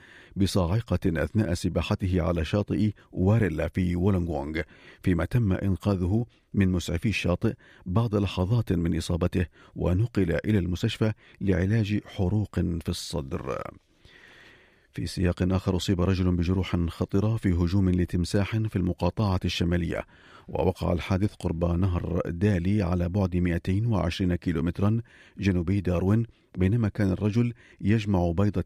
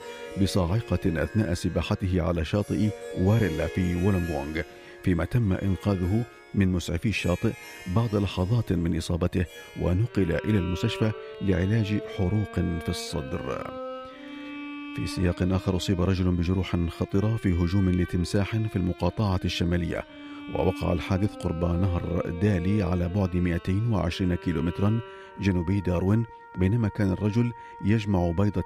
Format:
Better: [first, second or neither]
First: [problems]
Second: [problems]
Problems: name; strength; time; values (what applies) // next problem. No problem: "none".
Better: first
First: none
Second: background music; noticeable; throughout; 15 dB below the speech